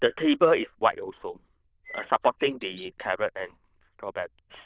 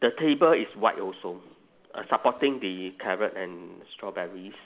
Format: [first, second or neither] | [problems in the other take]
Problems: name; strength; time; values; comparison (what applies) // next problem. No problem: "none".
second | noise reduction (neural diffusion model UNIVERSE++)